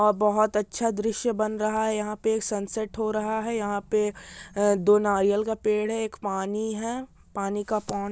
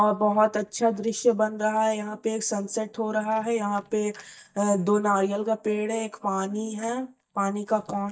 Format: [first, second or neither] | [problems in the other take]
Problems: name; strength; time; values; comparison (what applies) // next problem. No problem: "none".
first | noise reduction (neural mask model DeepFilterNet 3)